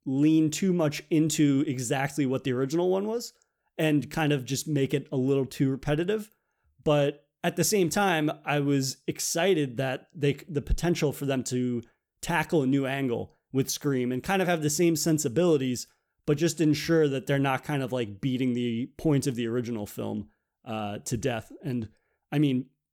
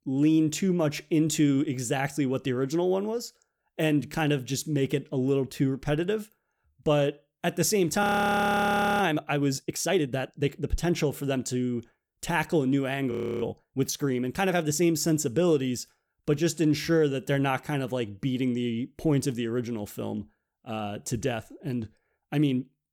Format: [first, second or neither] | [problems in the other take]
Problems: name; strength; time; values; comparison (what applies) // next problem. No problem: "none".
first | audio freezing; at 8 s for 1 s and at 13 s